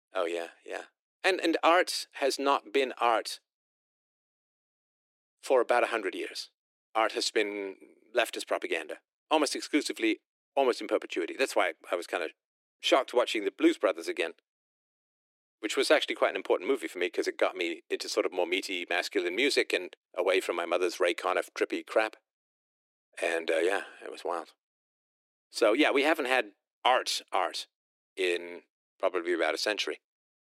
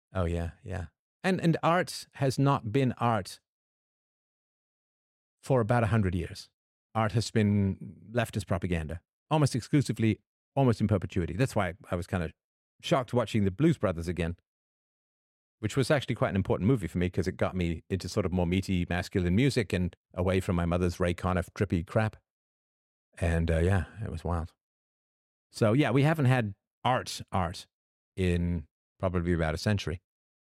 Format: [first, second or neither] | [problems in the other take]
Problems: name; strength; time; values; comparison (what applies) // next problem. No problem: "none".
second | thin; very; fading below 300 Hz